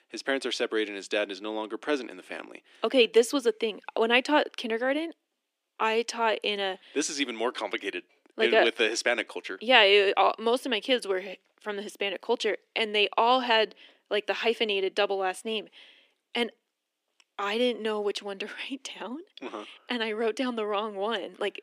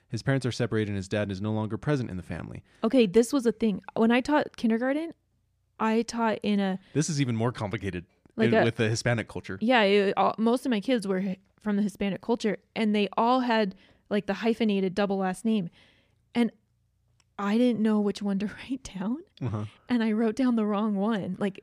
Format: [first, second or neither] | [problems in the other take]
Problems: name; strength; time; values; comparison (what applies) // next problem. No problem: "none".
second | thin; somewhat; fading below 300 Hz